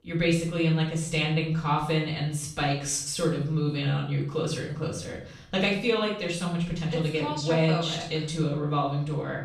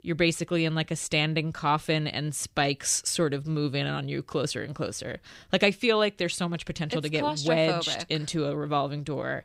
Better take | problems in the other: second | room echo; noticeable; dies away in 0.7 s // off-mic speech; far

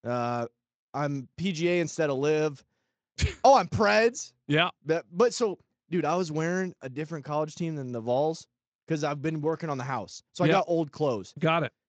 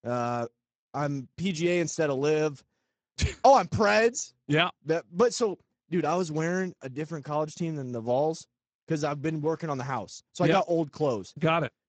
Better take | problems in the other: first | garbled, watery; badly; nothing above 7.5 kHz; slightly in the first

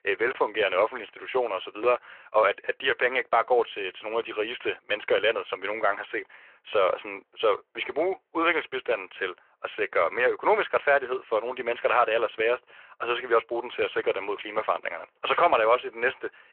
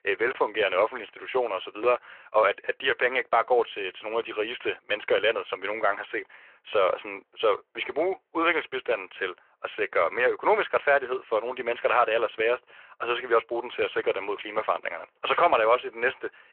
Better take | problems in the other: neither | phone-call audio; the same in both

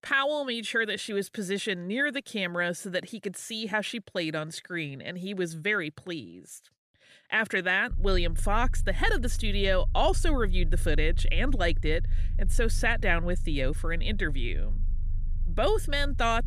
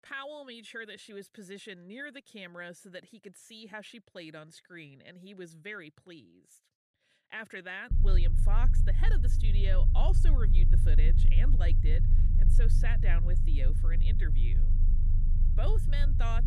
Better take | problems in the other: first | low rumble; loud; from 8 s on; 6 dB below the speech; faint in the first

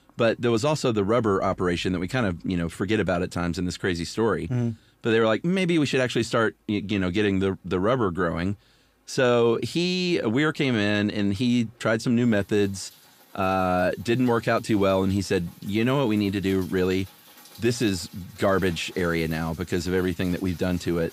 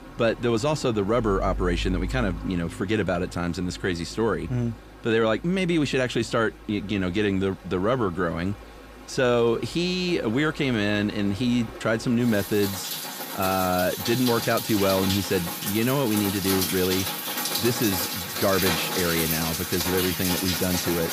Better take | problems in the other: first | rain or running water; loud; throughout; 3 dB below the speech; faint in the first

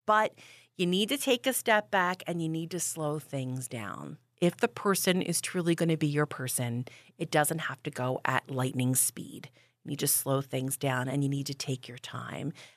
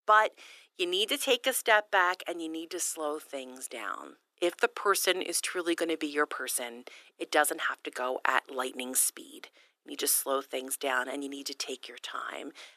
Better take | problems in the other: first | thin; very; fading below 300 Hz

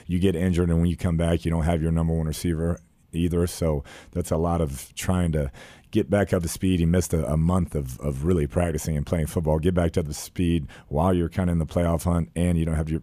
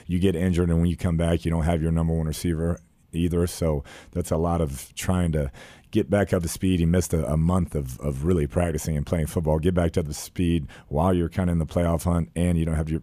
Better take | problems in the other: neither | none

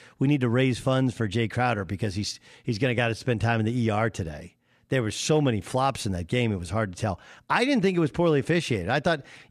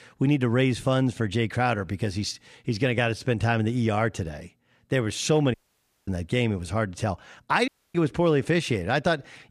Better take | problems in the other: first | audio cutting out; at 5.5 s for 0.5 s and at 7.5 s

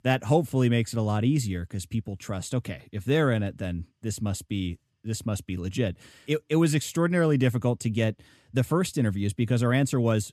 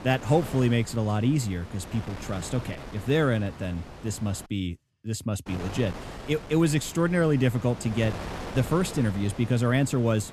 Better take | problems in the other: first | wind noise on the microphone; occasional gusts; until 4.5 s and from 5.5 s on; 10 dB below the speech

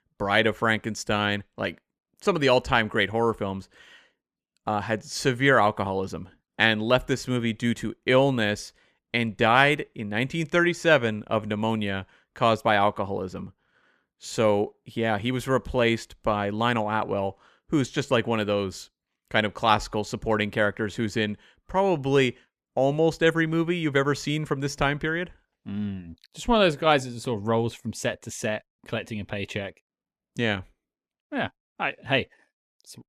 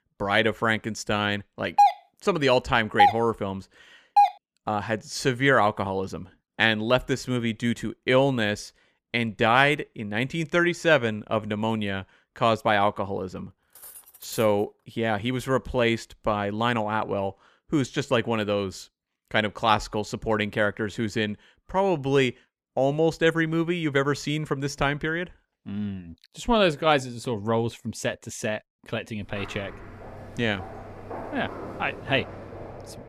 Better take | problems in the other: first | doorbell; loud; from 2 to 4.5 s; peak 5 dB above the speech // clattering dishes; faint; at 14 s; peak 15 dB below the speech // footsteps; faint; from 29 s on; peak 10 dB below the speech

